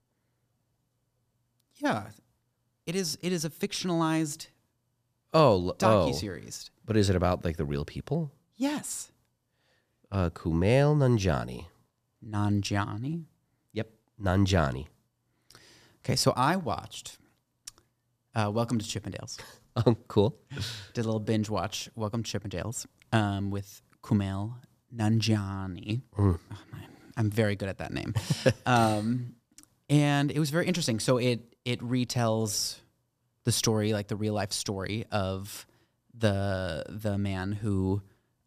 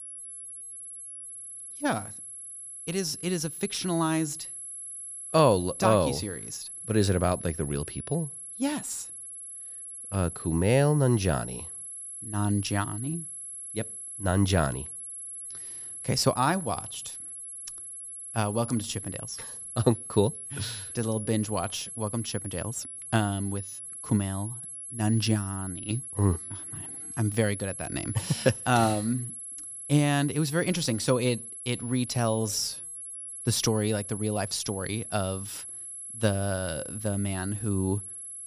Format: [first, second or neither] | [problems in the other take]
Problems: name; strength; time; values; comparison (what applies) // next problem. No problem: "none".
first | high-pitched whine; loud; throughout; 11 kHz, 9 dB below the speech